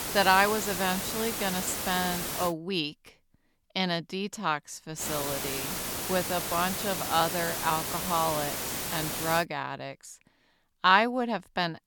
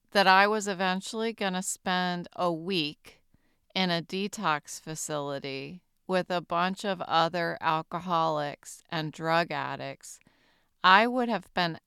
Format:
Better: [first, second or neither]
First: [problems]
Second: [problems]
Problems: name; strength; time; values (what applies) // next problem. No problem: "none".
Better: second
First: hiss; loud; until 2.5 s and from 5 to 9.5 s; 3 dB below the speech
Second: none